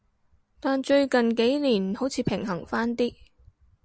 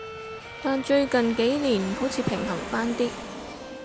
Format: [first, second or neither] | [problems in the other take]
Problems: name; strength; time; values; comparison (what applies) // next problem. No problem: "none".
first | background sound (Bowed string instrument + Aircraft); 9 dB below the speech